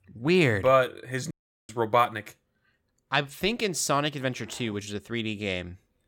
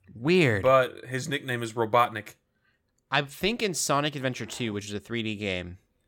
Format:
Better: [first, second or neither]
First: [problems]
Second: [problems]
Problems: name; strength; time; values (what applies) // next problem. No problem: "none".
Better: second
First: audio cutting out; at 1.5 s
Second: none